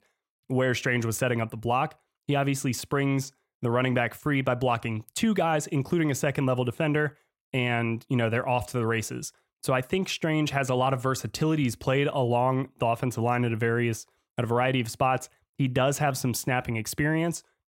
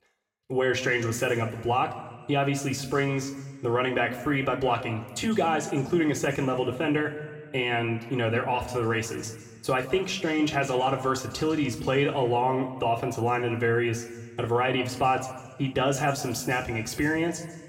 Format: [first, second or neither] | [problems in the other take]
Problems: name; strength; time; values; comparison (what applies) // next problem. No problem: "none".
first | room echo; slight; dies away in 1.3 s // off-mic speech; somewhat distant